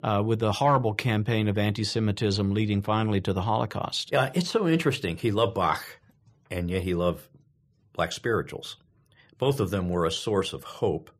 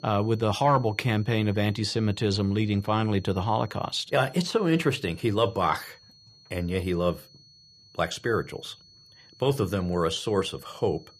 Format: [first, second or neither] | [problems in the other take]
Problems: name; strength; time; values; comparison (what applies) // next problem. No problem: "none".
first | high-pitched whine; faint; throughout; 4.5 kHz, 25 dB below the speech